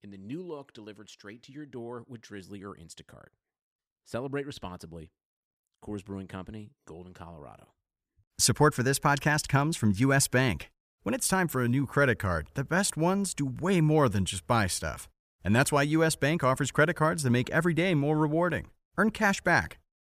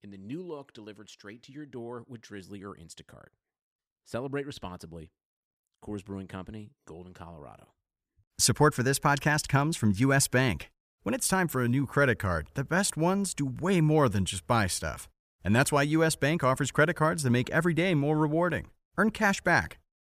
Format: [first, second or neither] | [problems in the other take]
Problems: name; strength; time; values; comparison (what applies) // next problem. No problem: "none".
neither | none